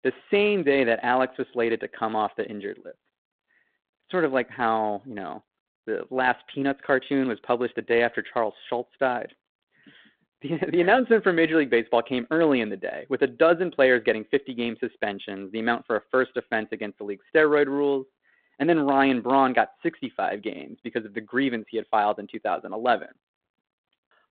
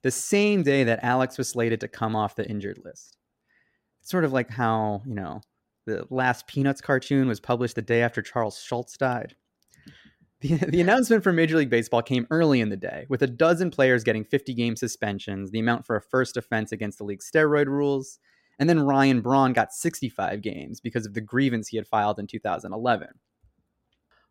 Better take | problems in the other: second | phone-call audio; nothing above 4 kHz

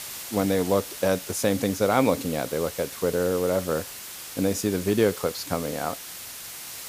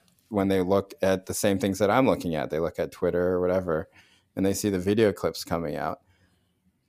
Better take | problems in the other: second | hiss; noticeable; throughout; 10 dB below the speech

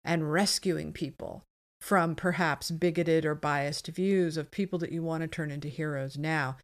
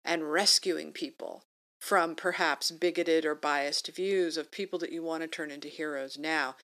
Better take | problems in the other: first | thin; somewhat; fading below 250 Hz

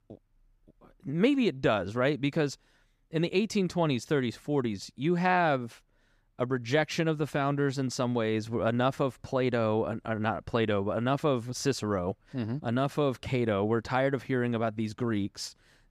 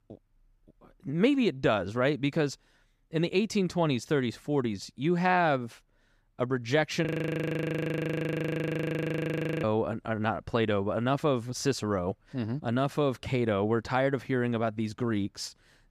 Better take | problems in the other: first | audio freezing; at 7 s for 2.5 s

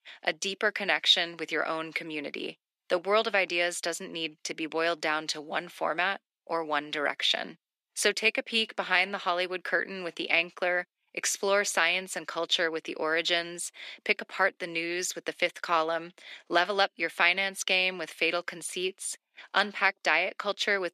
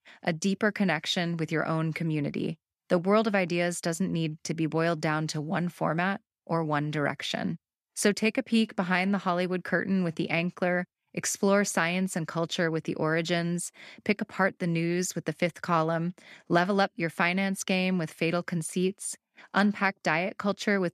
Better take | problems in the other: second | thin; very; fading below 350 Hz

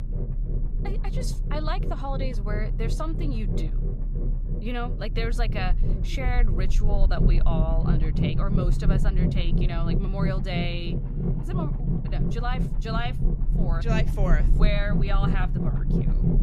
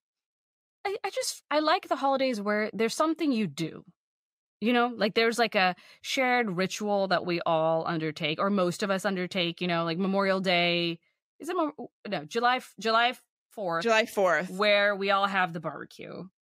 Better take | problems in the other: second | low rumble; loud; throughout; 4 dB below the speech

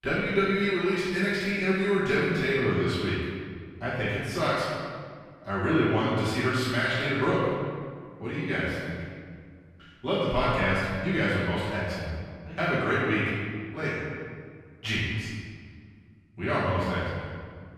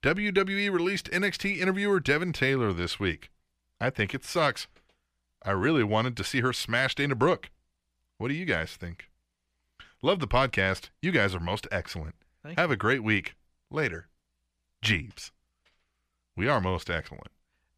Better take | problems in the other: second | off-mic speech; far // room echo; strong; dies away in 1.7 s

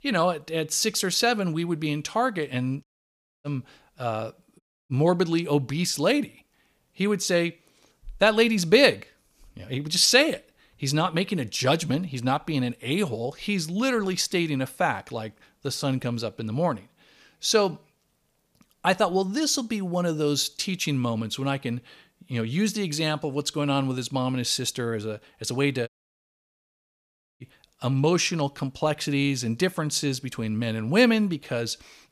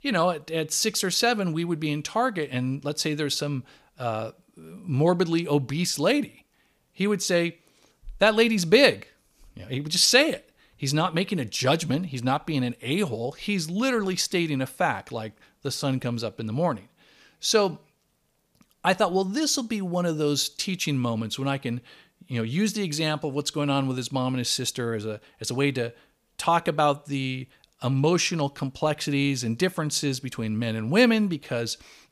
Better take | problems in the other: second | audio cutting out; at 3 s for 0.5 s, at 4.5 s and at 26 s for 1.5 s

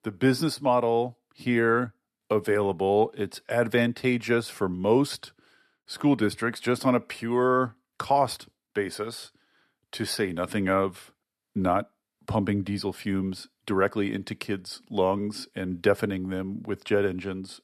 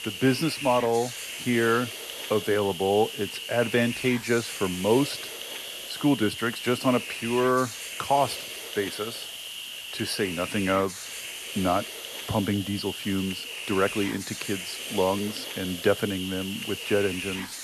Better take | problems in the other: first | hiss; loud; throughout; 7 dB below the speech

